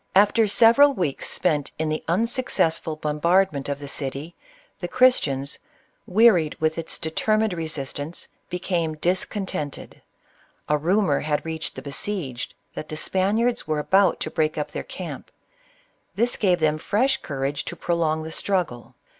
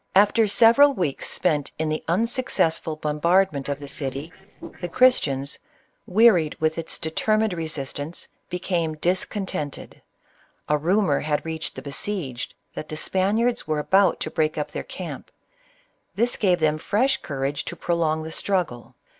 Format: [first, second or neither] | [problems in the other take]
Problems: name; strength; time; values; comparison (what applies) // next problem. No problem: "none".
first | noise reduction (neural separator model SepFormer DNS4)